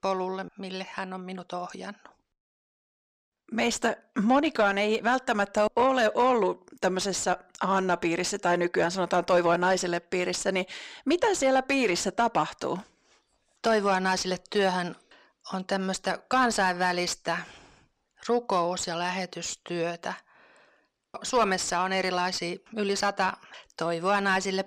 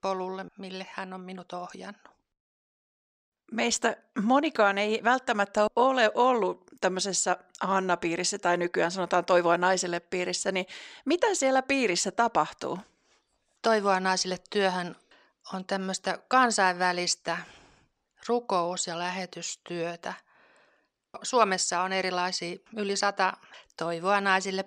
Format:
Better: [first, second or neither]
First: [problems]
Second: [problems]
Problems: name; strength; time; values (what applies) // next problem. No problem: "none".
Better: second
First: distortion; slight; 10 dB below the speech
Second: none